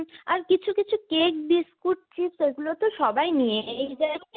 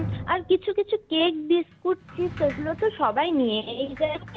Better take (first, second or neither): first